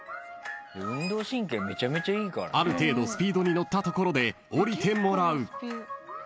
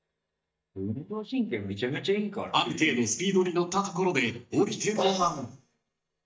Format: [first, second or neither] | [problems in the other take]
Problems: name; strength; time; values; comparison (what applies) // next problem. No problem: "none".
first | noise reduction (neural mask model DeepFilterNet 3)